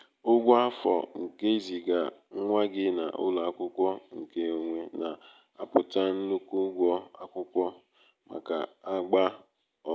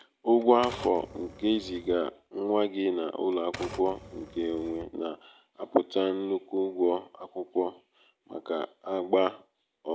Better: first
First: none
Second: background sound (Typewriter); 17 dB below the speech

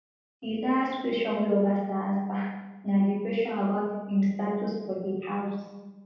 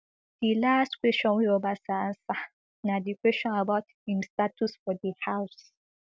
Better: second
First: room echo; dies away in 1.3 s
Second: none

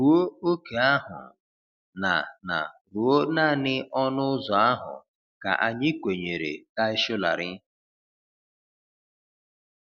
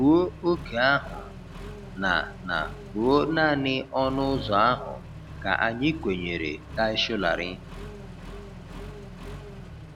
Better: first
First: none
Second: background sound (Accelerating, revving, vroom); 12 dB below the speech

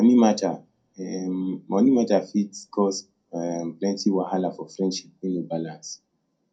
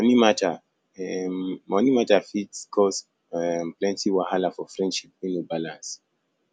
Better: second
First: room echo; dies away in 0.2 s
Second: none

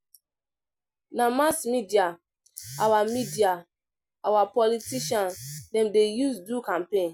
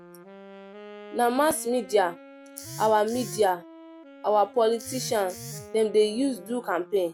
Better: first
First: none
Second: background sound (Wind instrument, woodwind instrument); 19 dB below the speech

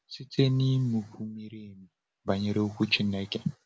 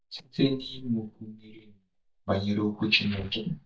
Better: first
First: none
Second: noise reduction (neural mask model DeepFilterNet 3)

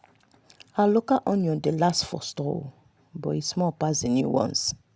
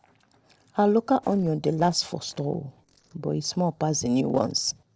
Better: first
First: none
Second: noise reduction (neural separator model SepFormer DNS4)

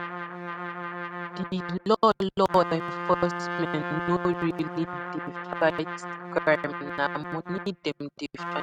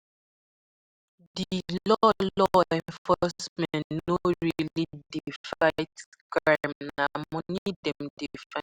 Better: second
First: noise reduction (neural mask model RNNoise)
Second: none

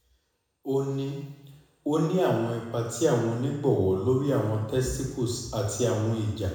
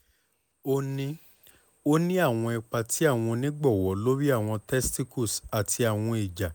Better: second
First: room echo; dies away in 1 s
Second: none

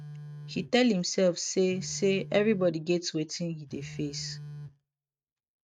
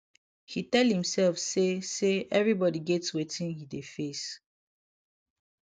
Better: second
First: noise reduction (neural mask model RNNoise)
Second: none

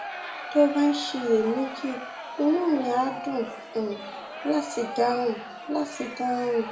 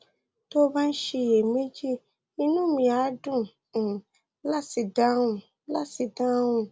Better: second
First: background sound (Crowd); 11 dB below the speech // room echo; dies away in 0.4 s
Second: none

